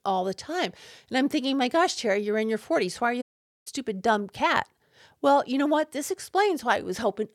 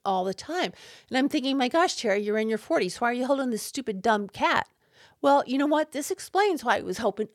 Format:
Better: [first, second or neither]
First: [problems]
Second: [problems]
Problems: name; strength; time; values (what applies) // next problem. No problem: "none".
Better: second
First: audio cutting out; at 3 s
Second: none